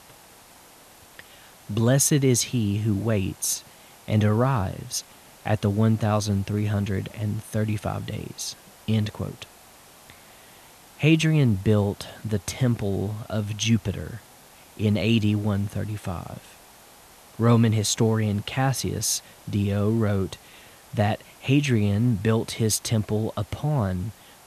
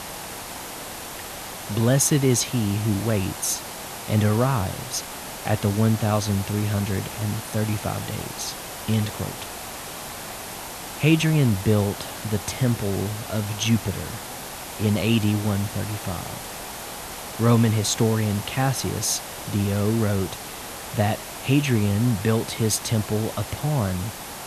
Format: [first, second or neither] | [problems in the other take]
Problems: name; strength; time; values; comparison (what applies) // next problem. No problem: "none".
first | hiss; loud; throughout; 10 dB below the speech; faint in the first